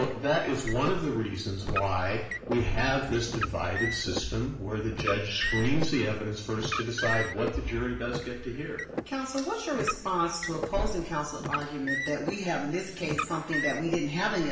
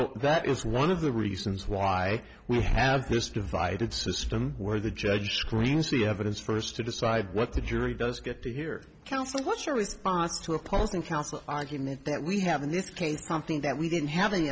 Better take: second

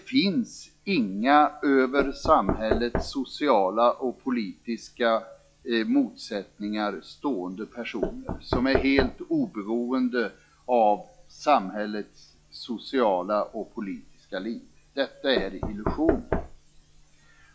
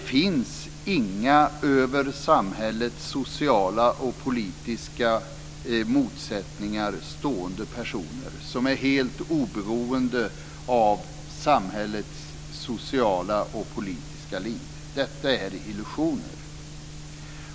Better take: second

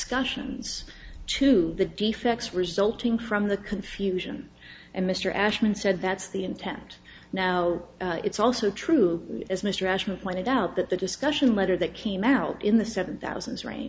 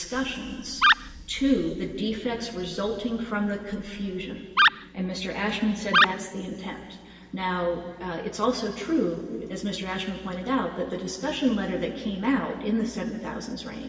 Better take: first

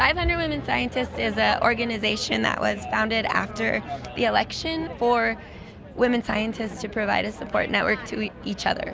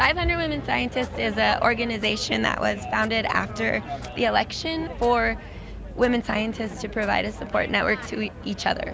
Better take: first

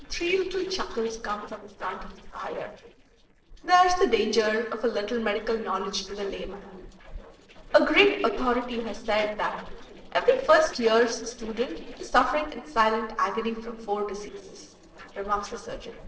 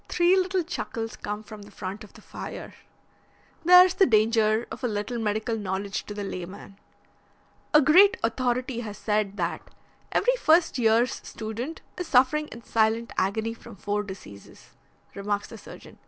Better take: second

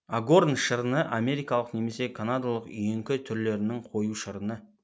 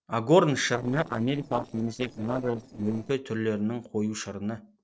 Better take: first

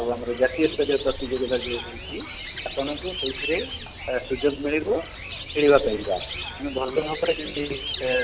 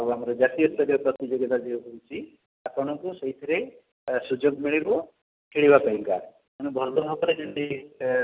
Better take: second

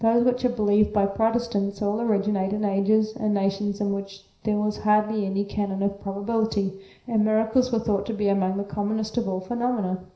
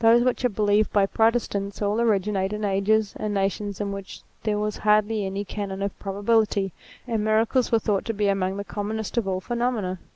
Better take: second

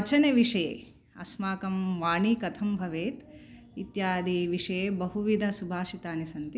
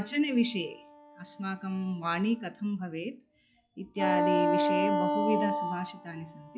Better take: first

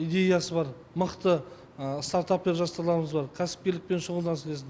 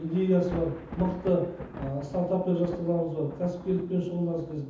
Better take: first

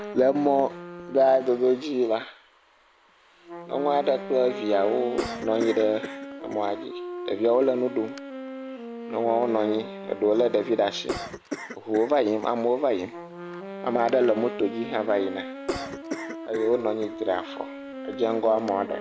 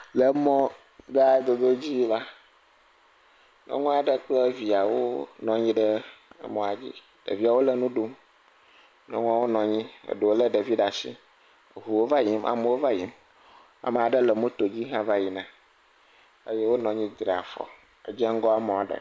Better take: second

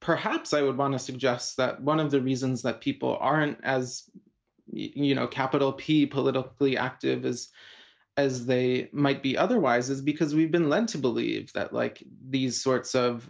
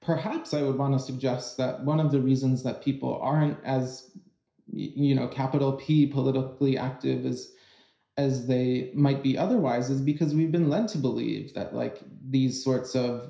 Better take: first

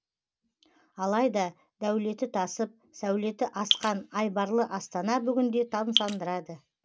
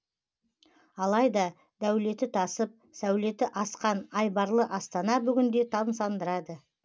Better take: second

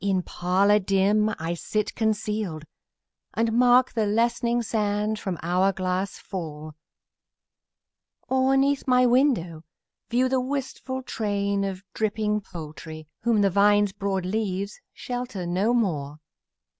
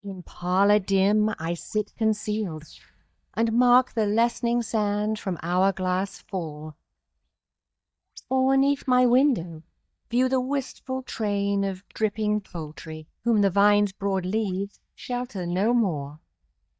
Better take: first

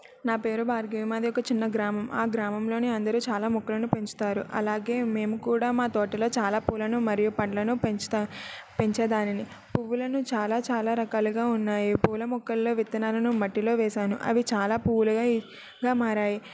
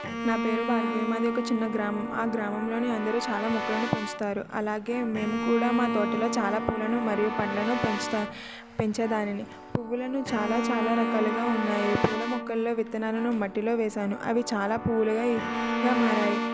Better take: first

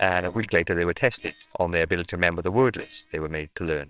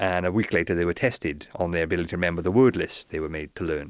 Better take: second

